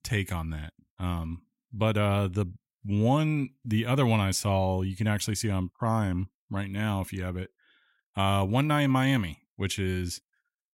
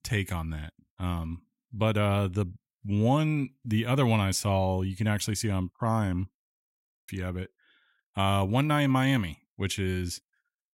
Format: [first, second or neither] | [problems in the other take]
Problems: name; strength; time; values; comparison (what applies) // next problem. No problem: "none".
first | audio freezing; at 6.5 s for 0.5 s